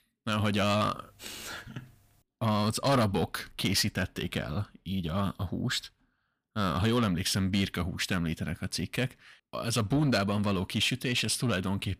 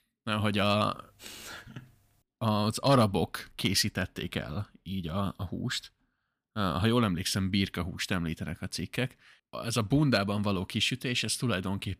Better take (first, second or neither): second